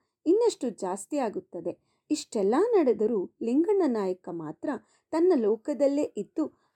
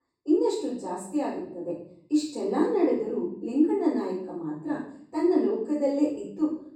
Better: first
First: none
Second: off-mic speech; far // room echo; noticeable; dies away in 0.6 s

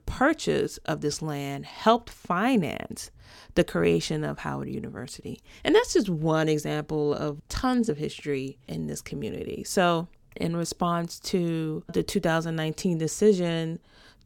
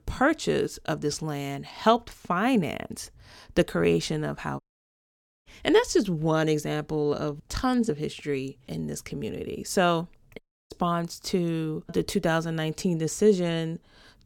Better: first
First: none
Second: audio cutting out; at 4.5 s for 1 s and at 10 s

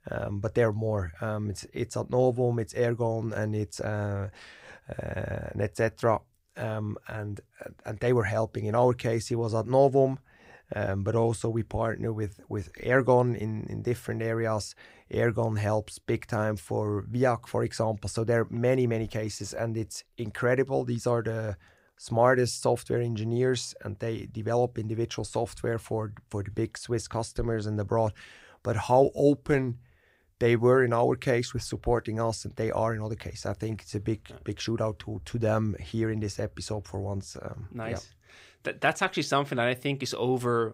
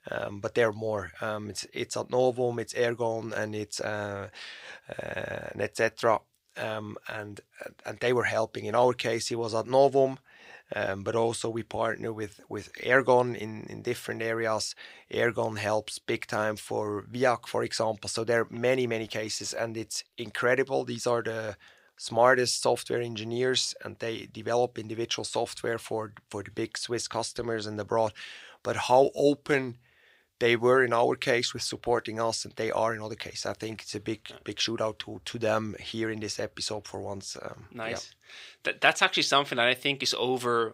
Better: first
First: none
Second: thin; somewhat; fading below 850 Hz

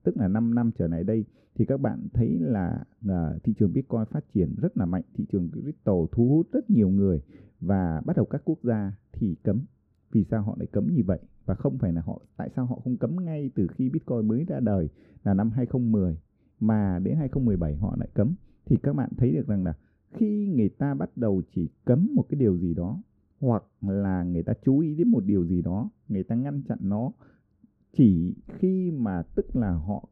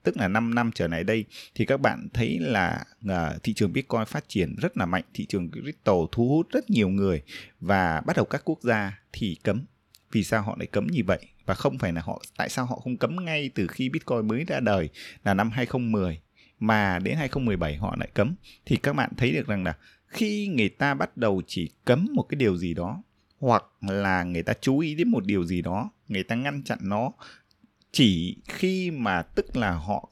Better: second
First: muffled; very; fading above 1 kHz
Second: none

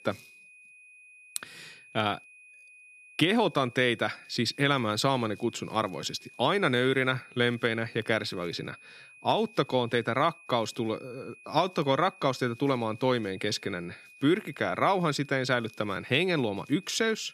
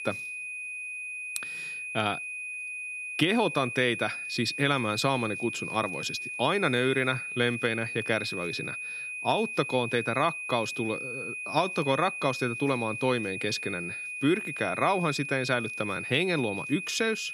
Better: first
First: high-pitched whine; faint; throughout; 2.5 kHz, 25 dB below the speech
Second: high-pitched whine; loud; throughout; 2.5 kHz, 5 dB below the speech

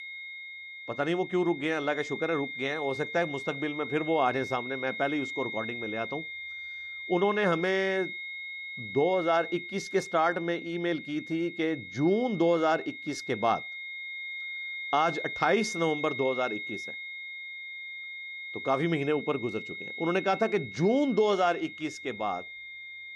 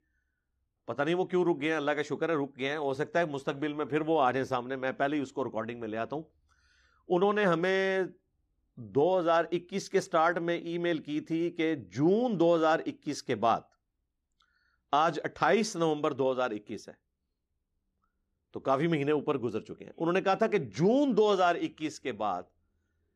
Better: second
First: high-pitched whine; loud; throughout; 2 kHz, 8 dB below the speech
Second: none

